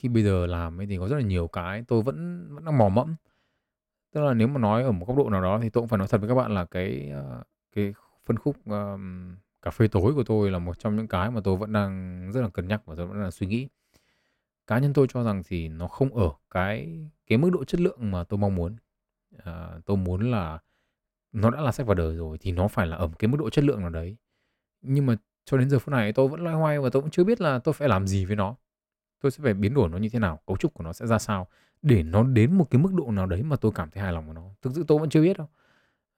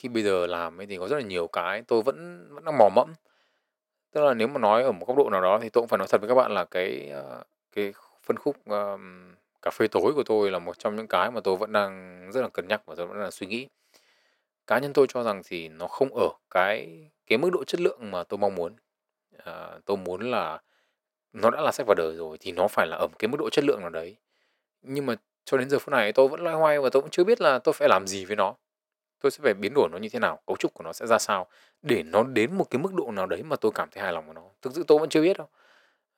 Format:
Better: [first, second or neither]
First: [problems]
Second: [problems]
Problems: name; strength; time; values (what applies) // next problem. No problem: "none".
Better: first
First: none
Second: thin; very; fading below 500 Hz